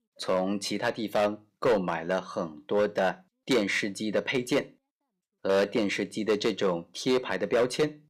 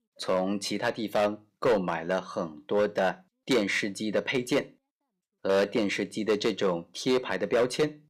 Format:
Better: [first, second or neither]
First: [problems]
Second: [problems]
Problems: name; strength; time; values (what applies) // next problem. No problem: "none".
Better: neither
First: distortion; slight; 5% of the sound clipped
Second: distortion; slight; 5% of the sound clipped